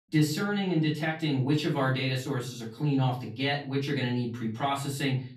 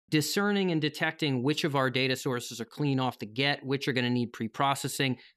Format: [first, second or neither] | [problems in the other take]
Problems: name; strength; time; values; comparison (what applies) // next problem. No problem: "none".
second | off-mic speech; far // room echo; slight; dies away in 0.5 s